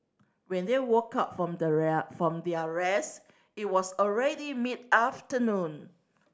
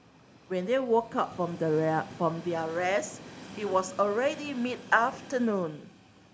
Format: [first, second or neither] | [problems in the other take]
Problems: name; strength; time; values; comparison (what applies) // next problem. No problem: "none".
first | background sound (Train); 17 dB below the speech